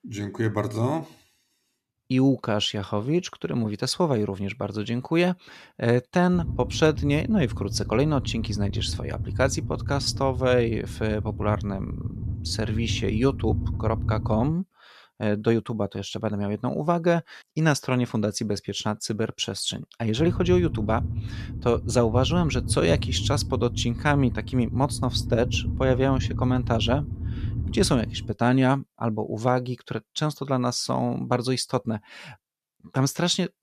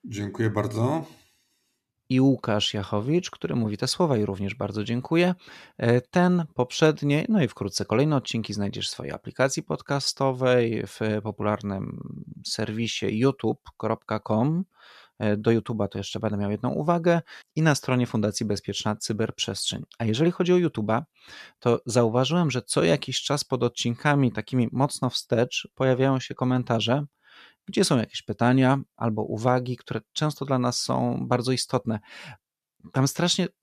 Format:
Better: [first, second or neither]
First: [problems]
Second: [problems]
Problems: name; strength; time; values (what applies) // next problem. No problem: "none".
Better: second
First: low rumble; noticeable; from 6.5 to 15 s and from 20 to 28 s; 15 dB below the speech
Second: none